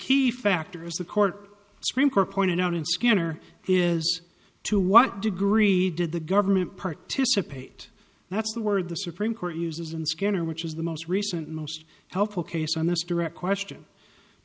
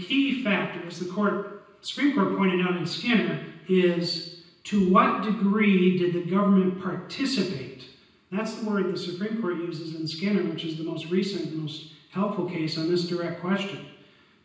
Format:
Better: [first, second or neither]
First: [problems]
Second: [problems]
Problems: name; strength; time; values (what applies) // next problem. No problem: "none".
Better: first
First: none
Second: room echo; dies away in 0.9 s